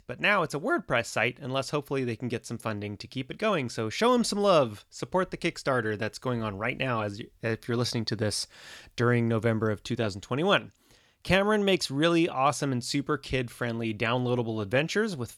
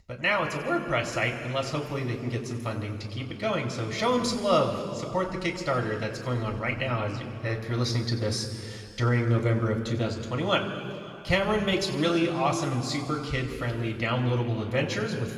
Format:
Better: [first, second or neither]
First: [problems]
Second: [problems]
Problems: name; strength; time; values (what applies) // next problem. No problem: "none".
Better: first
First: none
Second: room echo; noticeable; dies away in 2.2 s // off-mic speech; somewhat distant